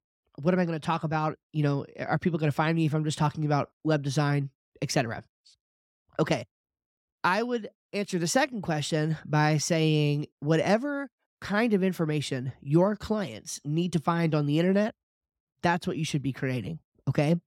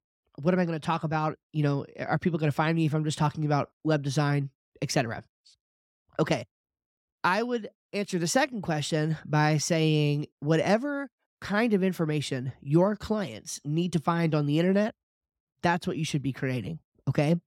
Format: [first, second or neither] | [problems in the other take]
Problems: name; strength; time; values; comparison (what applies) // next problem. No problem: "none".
neither | none